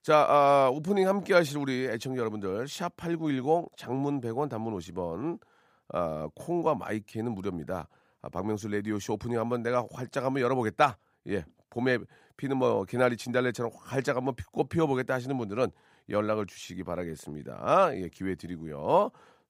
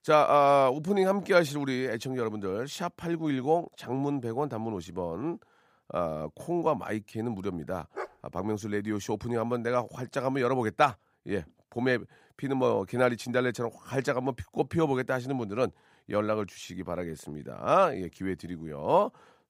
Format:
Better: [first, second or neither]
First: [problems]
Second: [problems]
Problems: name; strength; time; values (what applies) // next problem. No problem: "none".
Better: first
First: none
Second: dog barking; faint; at 8 s; peak 10 dB below the speech